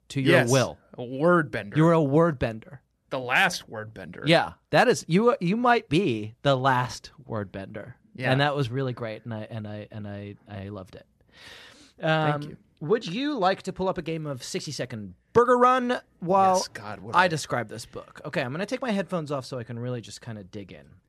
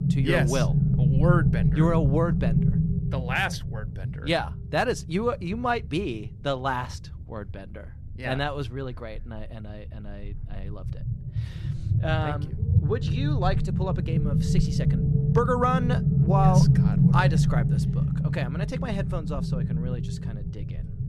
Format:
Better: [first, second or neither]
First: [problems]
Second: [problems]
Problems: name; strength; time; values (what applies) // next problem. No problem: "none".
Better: first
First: none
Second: low rumble; loud; throughout; 6 dB below the speech